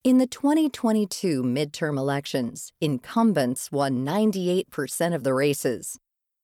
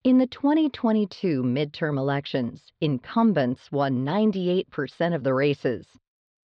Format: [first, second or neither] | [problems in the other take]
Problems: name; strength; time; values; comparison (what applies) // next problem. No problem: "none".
first | muffled; slightly; fading above 4 kHz